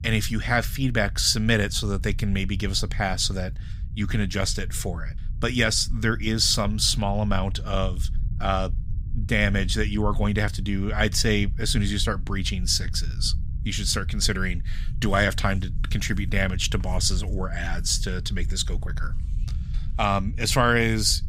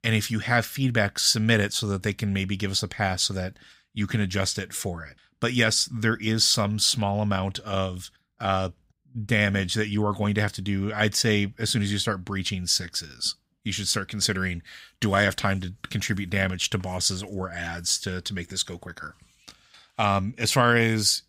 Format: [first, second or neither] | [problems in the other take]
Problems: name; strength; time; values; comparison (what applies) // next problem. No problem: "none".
second | low rumble; faint; throughout; 25 dB below the speech